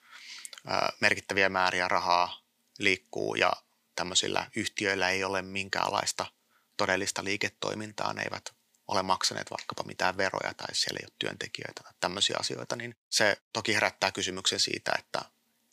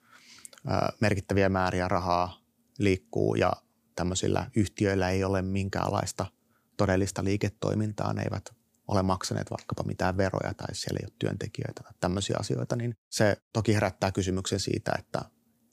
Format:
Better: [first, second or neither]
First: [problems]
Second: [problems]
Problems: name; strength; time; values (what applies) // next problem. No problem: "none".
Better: second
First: thin; somewhat; fading below 650 Hz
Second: none